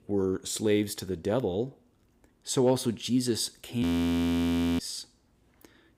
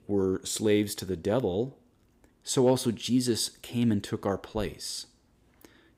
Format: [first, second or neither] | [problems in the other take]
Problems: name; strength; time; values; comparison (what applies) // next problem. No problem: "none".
second | audio freezing; at 4 s for 1 s